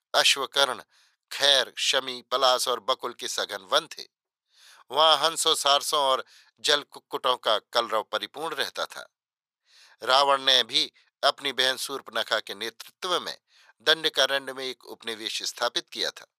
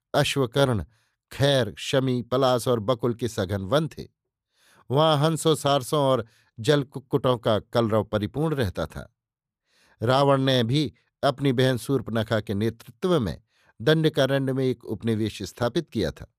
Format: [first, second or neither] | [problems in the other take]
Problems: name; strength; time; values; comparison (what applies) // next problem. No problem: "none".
second | thin; very; fading below 900 Hz